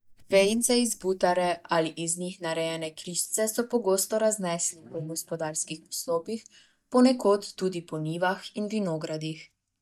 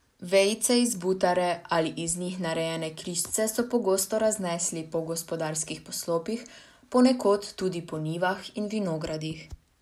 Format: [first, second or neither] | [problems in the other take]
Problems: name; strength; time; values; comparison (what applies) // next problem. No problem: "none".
second | noise reduction (neural mask model DeepFilterNet 3)